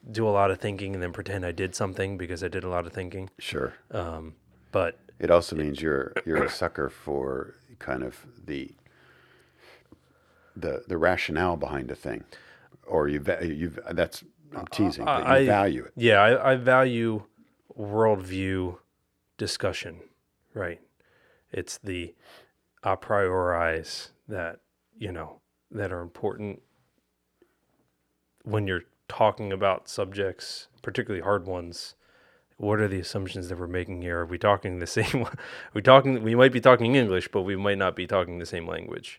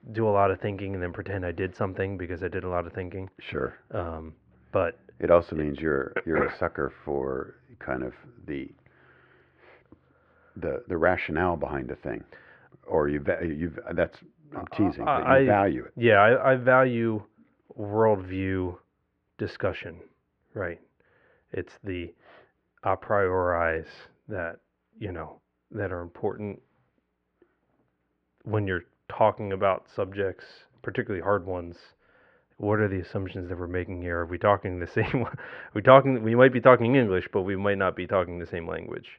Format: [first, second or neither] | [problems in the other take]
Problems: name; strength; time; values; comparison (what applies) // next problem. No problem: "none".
first | muffled; very; fading above 2.5 kHz